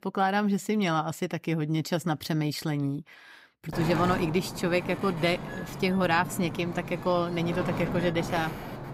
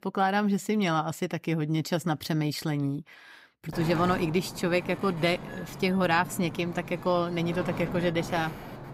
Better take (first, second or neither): second